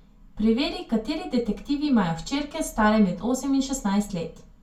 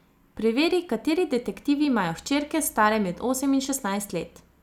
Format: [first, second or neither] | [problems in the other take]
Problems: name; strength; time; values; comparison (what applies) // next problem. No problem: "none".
second | room echo; dies away in 0.2 s